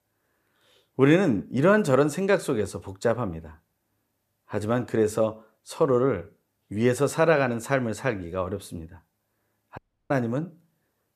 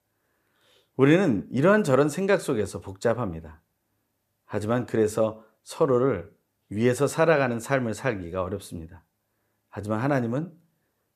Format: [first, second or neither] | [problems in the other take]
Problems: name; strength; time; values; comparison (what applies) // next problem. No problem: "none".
second | audio cutting out; at 10 s